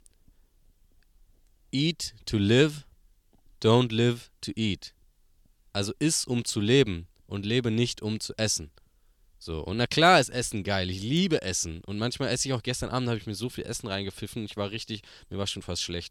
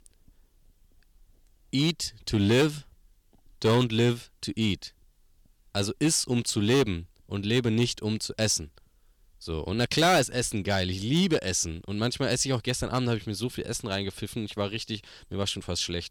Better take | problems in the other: first | distortion; slight; 3% of the sound clipped

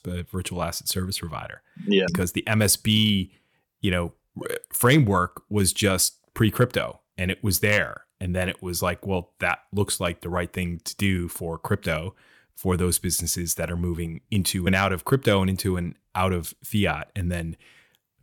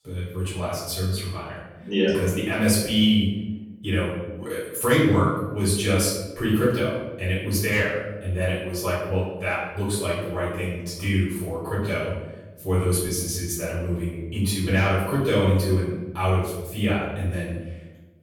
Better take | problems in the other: first | room echo; noticeable; dies away in 1 s // off-mic speech; far

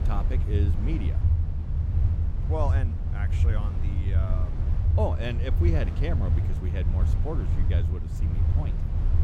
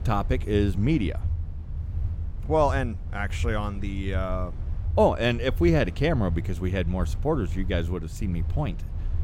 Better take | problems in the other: second | low rumble; loud; throughout; 4 dB below the speech; faint in the second

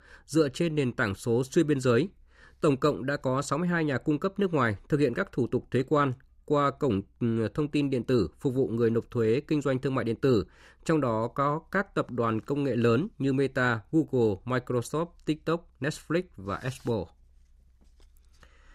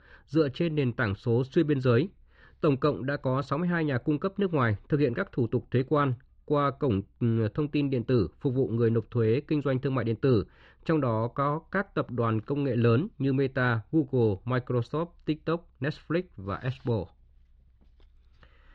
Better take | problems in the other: first | muffled; very slightly; fading above 4 kHz

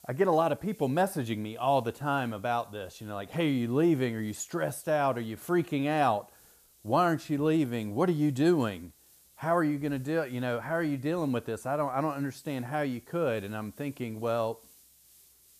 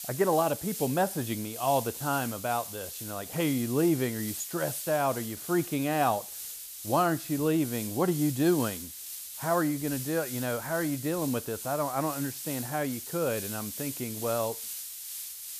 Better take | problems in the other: first | hiss; loud; throughout; 7 dB below the speech; faint in the first

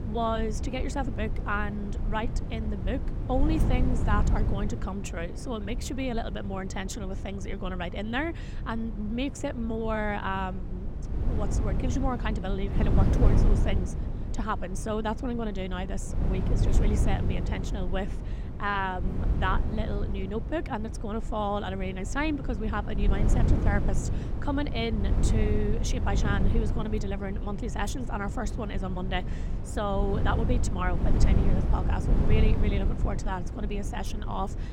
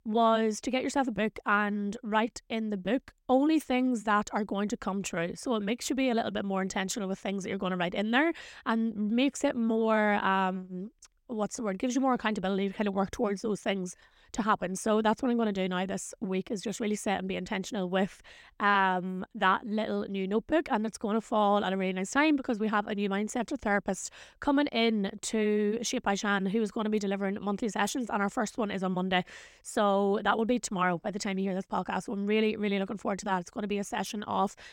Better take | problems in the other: second | wind noise on the microphone; heavy; 8 dB below the speech

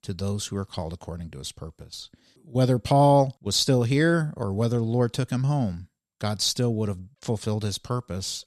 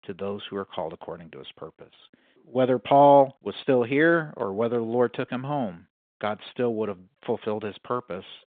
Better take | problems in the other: first | phone-call audio; nothing above 3.5 kHz

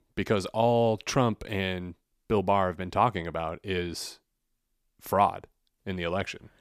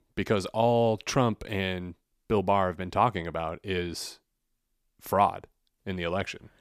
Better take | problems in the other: neither | none

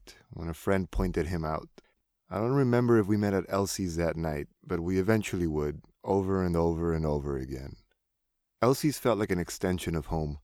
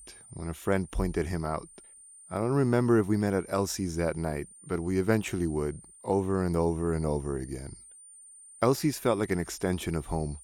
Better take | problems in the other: first | high-pitched whine; noticeable; throughout; 9 kHz, 20 dB below the speech

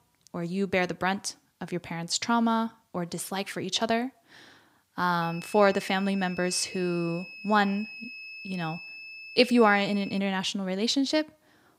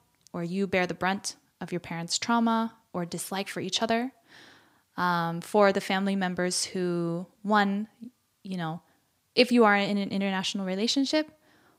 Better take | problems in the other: second | high-pitched whine; noticeable; from 5 to 10 s; 2.5 kHz, 15 dB below the speech

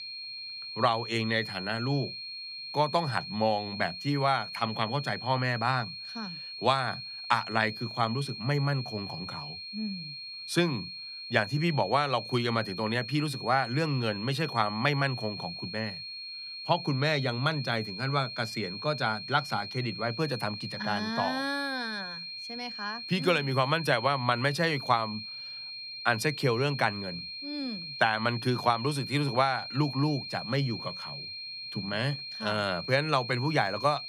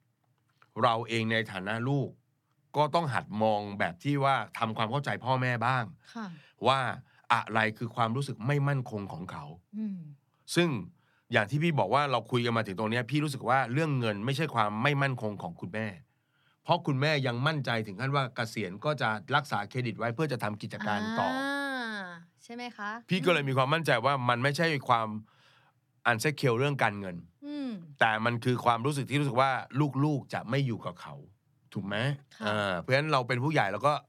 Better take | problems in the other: second | high-pitched whine; loud; throughout; 4.5 kHz, 8 dB below the speech

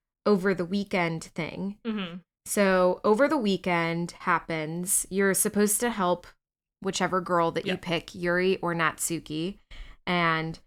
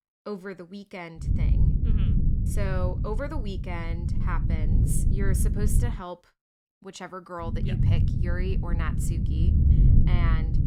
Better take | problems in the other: first | low rumble; loud; from 1.5 to 6 s and from 7.5 s on; 2 dB below the speech

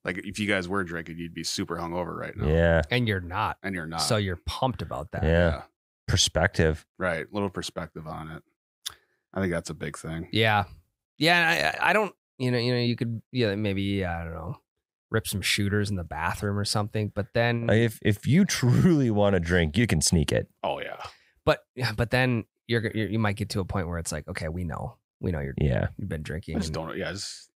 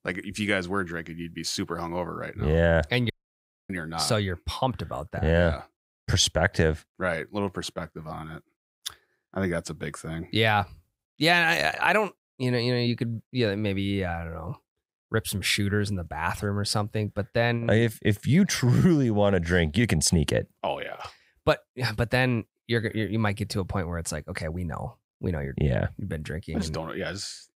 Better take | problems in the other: first | audio cutting out; at 3 s for 0.5 s

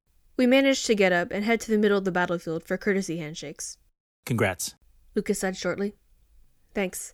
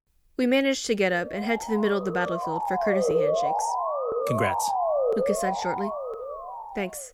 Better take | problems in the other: first | siren; loud; from 1.5 s on; peak 5 dB above the speech

